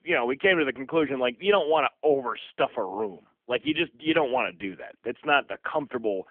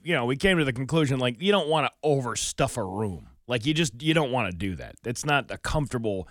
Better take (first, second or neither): second